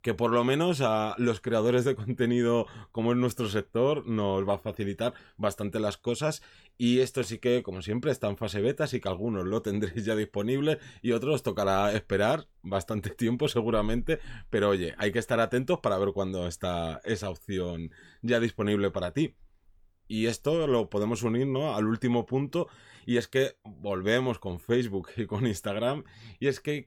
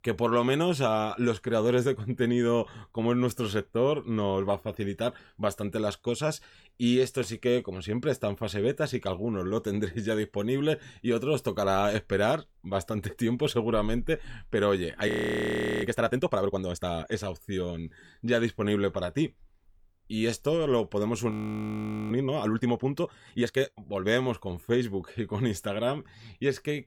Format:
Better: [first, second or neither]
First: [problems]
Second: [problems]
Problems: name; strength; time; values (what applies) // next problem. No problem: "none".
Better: first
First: none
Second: audio freezing; at 15 s for 1 s and at 21 s for 1 s